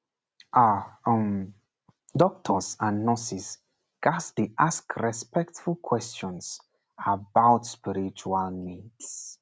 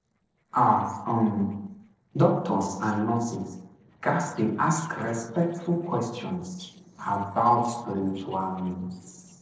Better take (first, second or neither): first